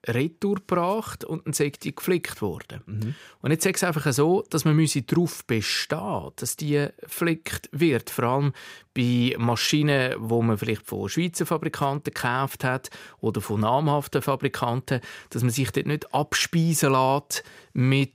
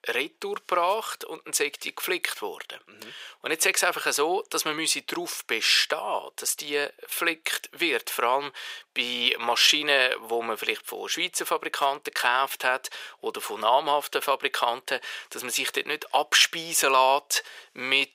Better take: first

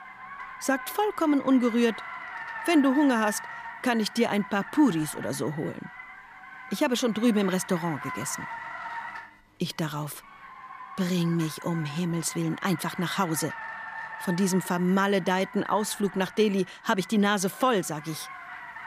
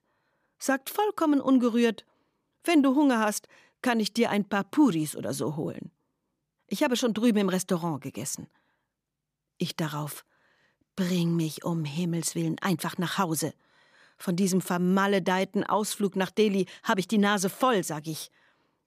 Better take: second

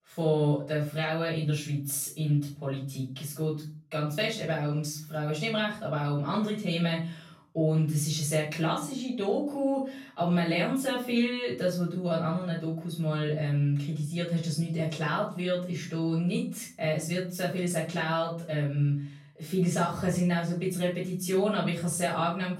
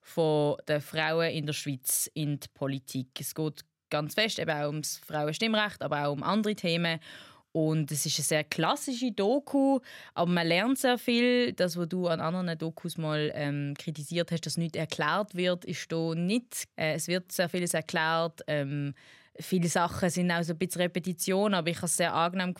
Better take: second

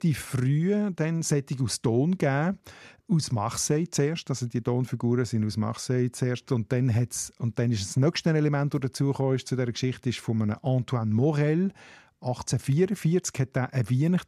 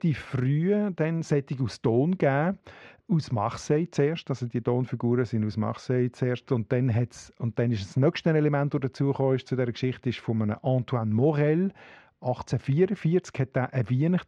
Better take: first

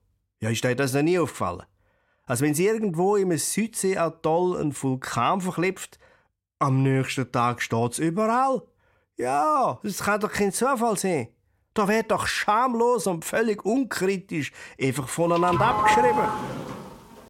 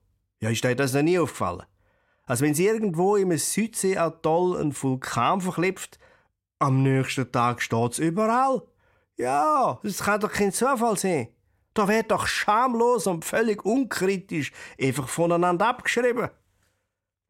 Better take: second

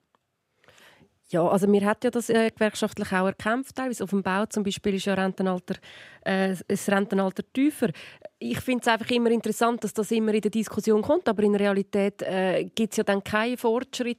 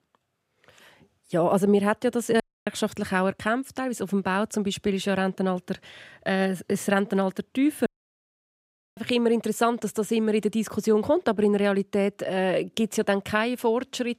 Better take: first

